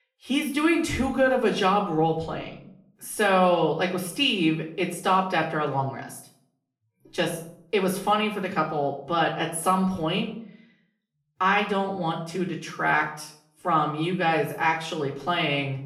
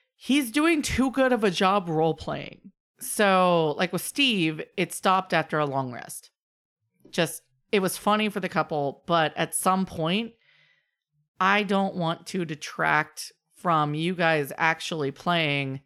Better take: second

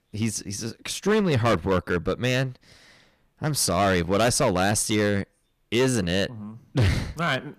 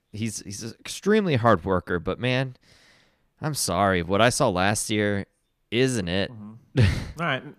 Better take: second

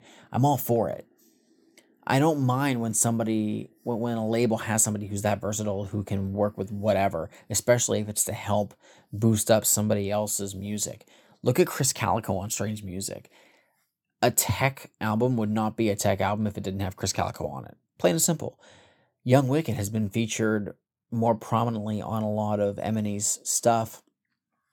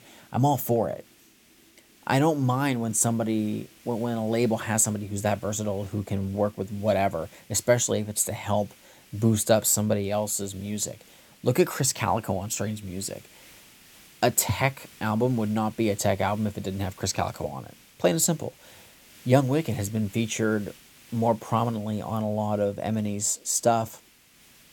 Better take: first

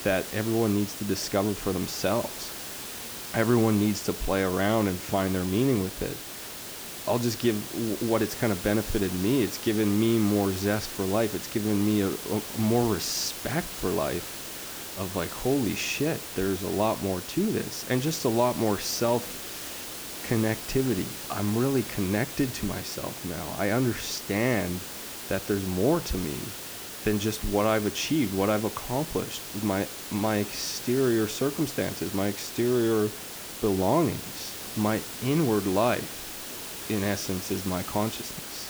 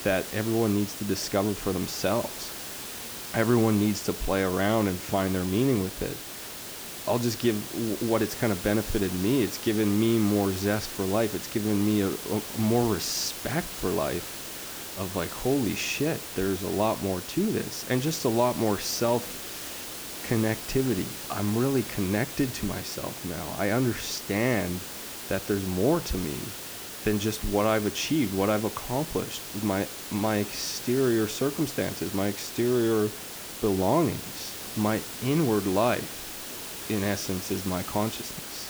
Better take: neither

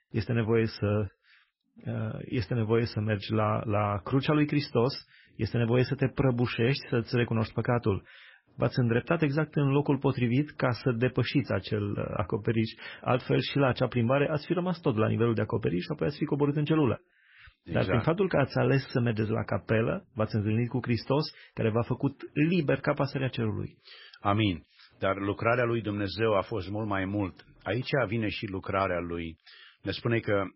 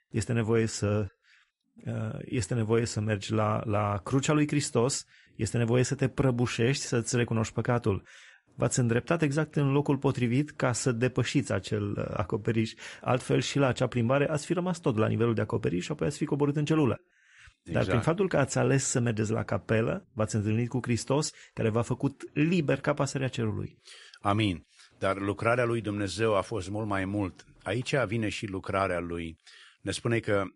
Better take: second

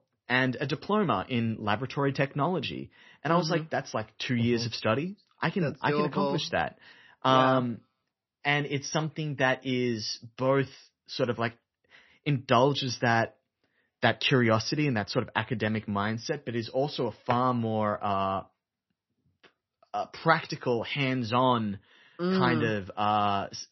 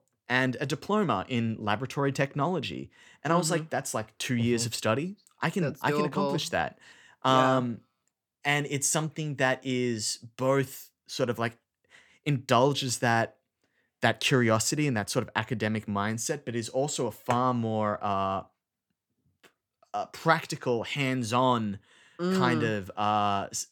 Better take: second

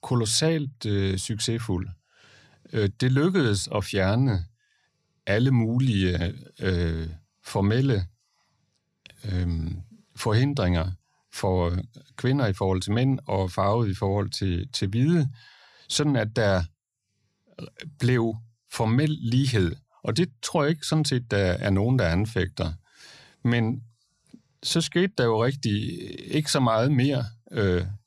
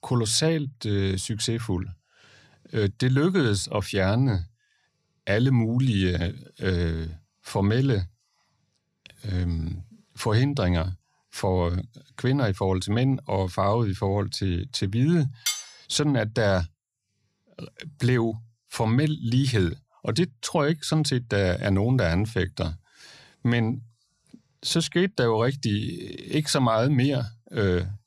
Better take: first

